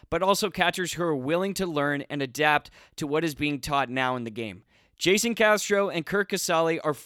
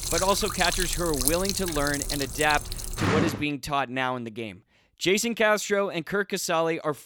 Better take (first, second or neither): first